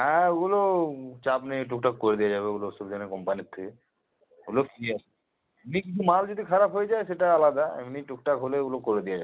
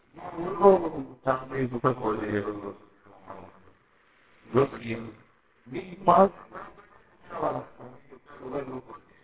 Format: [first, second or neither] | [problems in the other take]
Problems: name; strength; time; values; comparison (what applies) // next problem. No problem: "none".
first | noise reduction (neural separator model SepFormer WHAMR!)